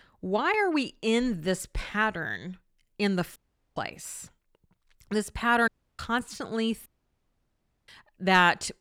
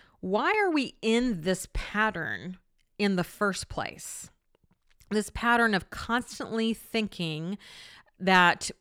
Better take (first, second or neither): second